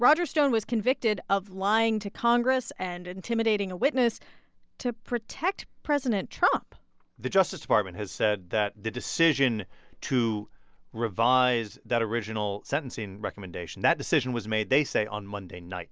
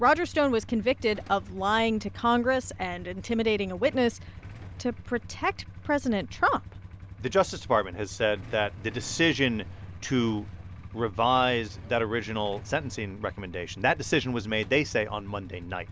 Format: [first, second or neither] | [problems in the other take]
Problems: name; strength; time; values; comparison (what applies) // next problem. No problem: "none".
first | background sound (Idling / Engine starting / Motorcycle / Accelerating, revving, vroom); 15 dB below the speech